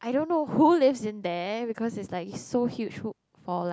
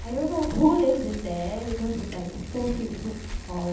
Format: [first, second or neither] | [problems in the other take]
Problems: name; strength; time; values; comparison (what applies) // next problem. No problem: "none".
first | background sound (Bicycle); 9 dB below the speech // room echo; dies away in 0.8 s